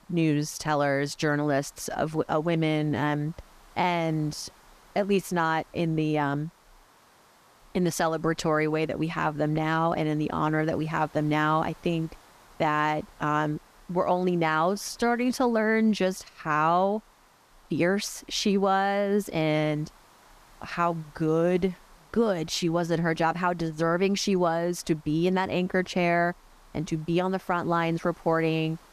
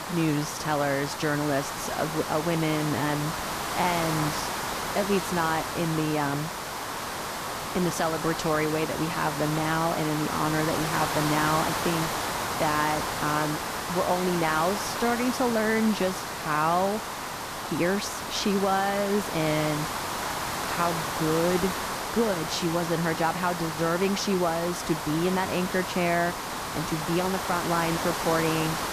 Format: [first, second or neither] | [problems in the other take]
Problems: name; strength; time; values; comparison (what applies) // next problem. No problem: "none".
first | hiss; loud; throughout; 3 dB below the speech; faint in the first